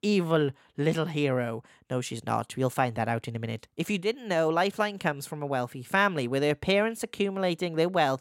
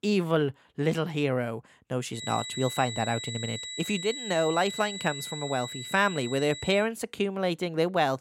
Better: first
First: none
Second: high-pitched whine; loud; from 2 to 7 s; 4 kHz, 7 dB below the speech

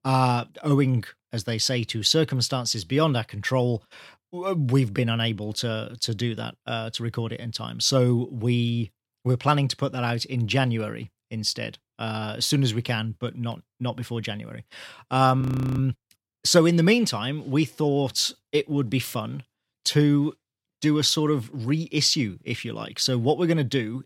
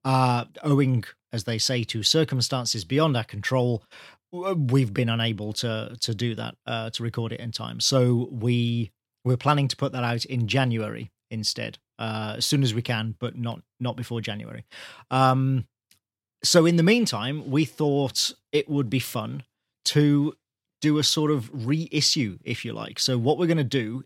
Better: second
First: audio freezing; at 15 s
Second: none

